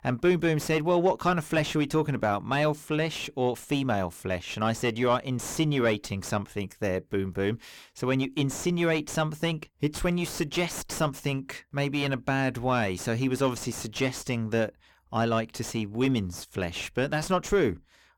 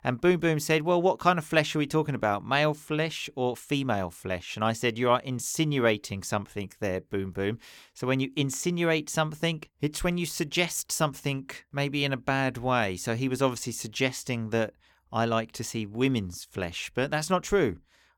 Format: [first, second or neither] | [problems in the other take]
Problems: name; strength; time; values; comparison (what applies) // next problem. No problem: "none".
second | distortion; slight; 10 dB below the speech